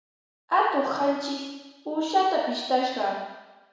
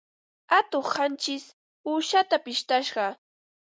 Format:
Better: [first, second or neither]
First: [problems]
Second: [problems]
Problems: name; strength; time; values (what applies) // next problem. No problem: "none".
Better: second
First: room echo; dies away in 1.1 s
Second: none